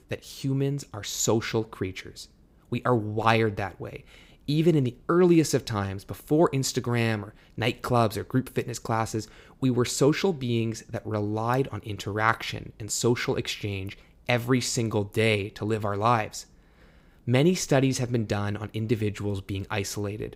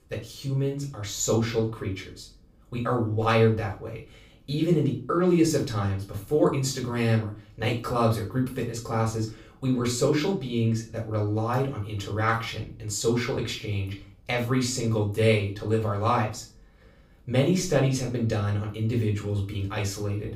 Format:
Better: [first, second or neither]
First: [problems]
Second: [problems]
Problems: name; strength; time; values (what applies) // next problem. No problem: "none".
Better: first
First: none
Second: room echo; slight; dies away in 0.3 s // off-mic speech; far